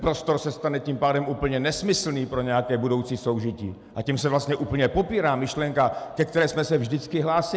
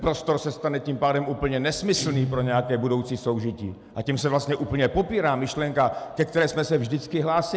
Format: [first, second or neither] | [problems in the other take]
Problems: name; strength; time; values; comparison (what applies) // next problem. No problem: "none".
first | background sound (Guitar); 14 dB below the speech